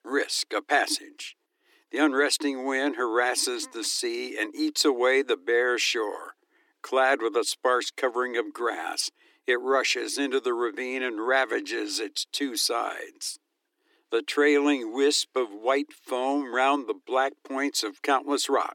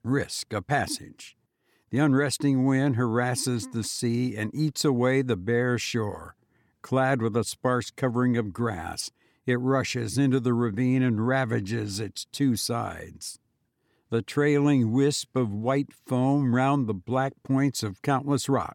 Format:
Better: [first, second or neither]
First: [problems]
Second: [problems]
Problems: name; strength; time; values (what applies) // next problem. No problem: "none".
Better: second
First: thin; somewhat; fading below 300 Hz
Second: none